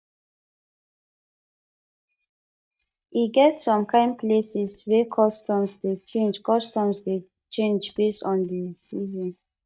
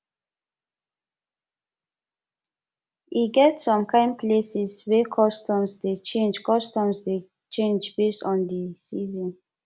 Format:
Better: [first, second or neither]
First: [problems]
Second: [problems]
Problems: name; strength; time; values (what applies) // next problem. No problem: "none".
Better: second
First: noise reduction (neural mask model DeepFilterNet 3)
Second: none